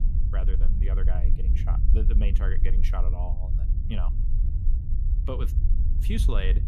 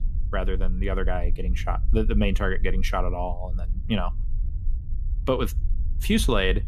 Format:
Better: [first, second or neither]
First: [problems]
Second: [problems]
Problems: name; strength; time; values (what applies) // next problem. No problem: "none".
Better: second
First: low rumble; loud; throughout; 6 dB below the speech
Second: low rumble; faint; throughout; 20 dB below the speech